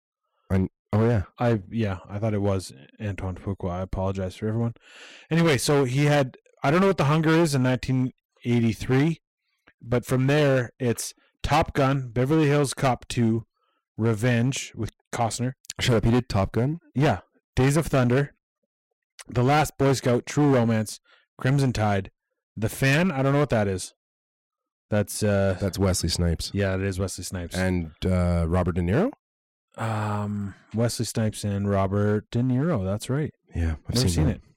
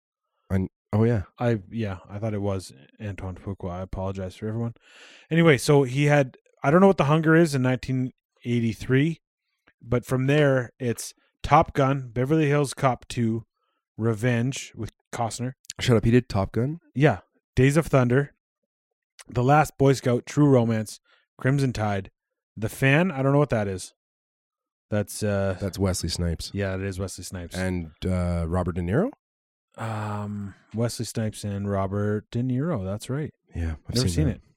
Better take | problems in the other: second | distortion; heavy; 8% of the sound clipped

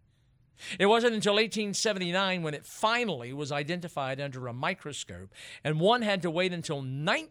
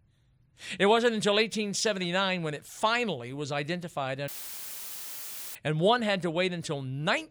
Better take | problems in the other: first | audio cutting out; filled with static; at 4.5 s for 1.5 s

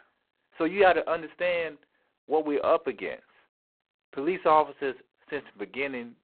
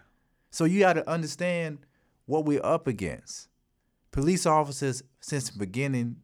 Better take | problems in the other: second | phone-call audio; poor line; nothing above 4 kHz

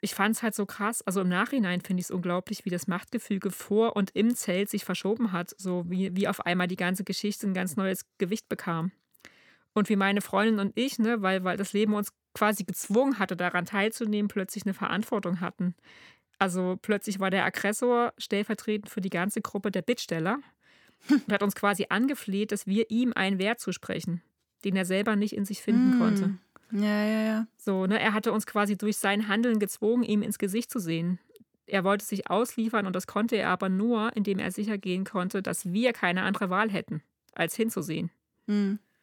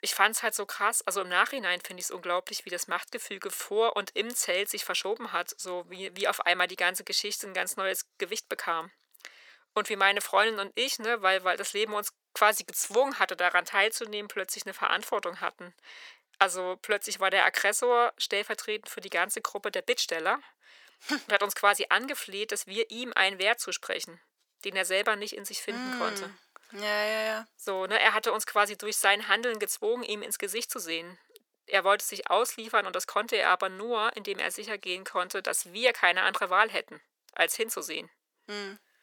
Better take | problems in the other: first | thin; very; fading below 500 Hz

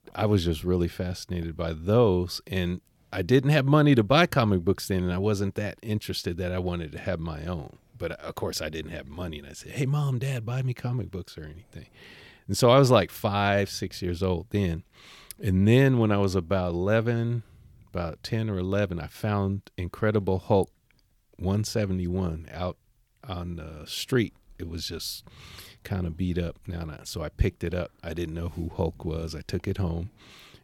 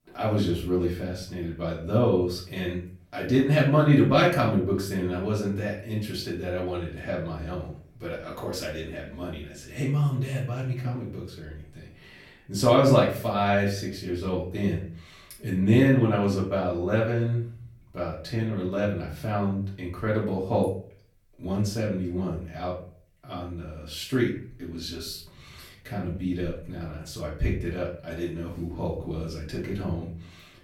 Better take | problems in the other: first | off-mic speech; far // room echo; slight; dies away in 0.4 s

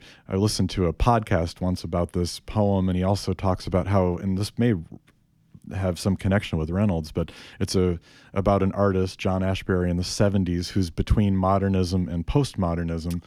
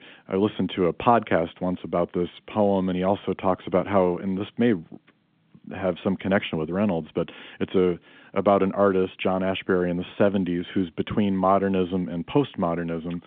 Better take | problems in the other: first | phone-call audio

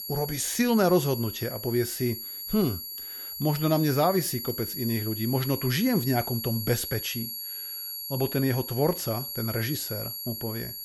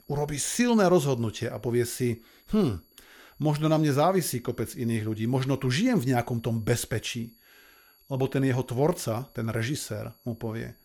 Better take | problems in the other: second | high-pitched whine; loud; throughout; 11.5 kHz, 6 dB below the speech; faint in the second

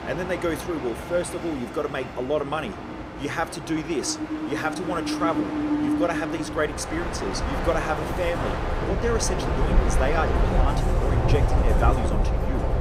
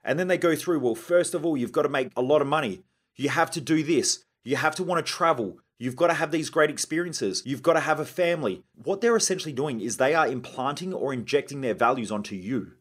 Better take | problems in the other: second | train or aircraft noise; very loud; throughout; 2 dB above the speech

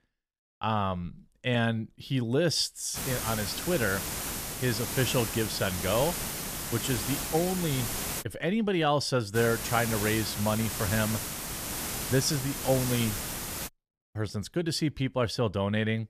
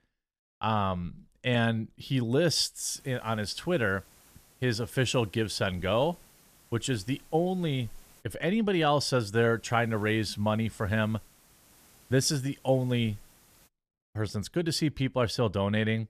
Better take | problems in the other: second | hiss; loud; from 3 to 8 s and from 9.5 to 14 s; 3 dB below the speech; faint in the second

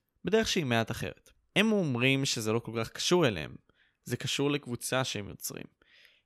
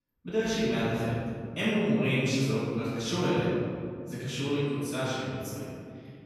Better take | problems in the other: first | room echo; strong; dies away in 2.5 s // off-mic speech; far

